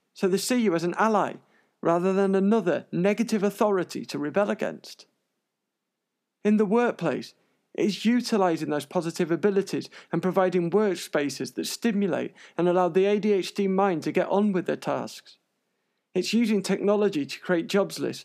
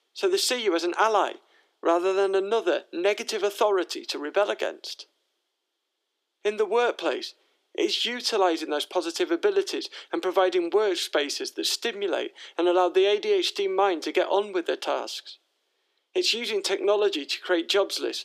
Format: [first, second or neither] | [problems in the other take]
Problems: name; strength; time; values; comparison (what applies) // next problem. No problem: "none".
first | thin; very; fading below 350 Hz